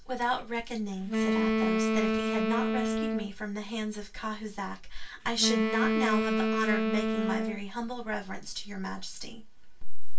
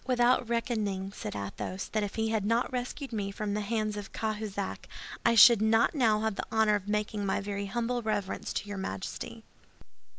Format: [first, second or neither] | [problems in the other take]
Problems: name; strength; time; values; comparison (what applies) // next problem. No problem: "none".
second | background sound (Wind instrument, woodwind instrument); 1 dB below the speech // room echo; dies away in 0.2 s